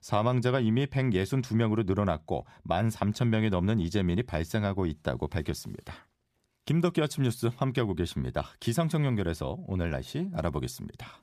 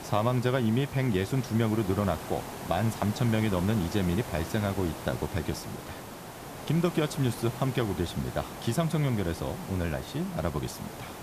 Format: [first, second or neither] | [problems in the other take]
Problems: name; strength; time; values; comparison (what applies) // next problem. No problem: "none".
first | hiss; noticeable; throughout; 10 dB below the speech